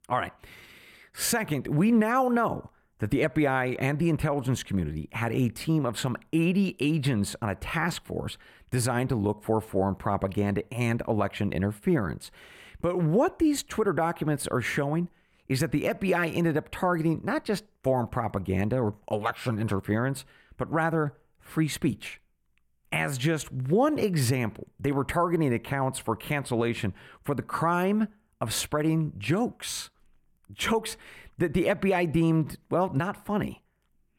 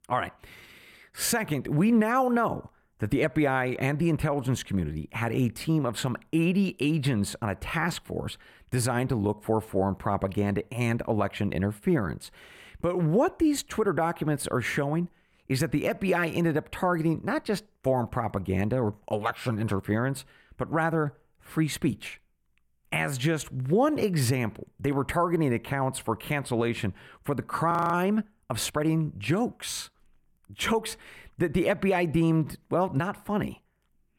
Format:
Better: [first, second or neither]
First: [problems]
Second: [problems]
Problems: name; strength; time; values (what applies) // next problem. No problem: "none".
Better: first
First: none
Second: audio freezing; at 28 s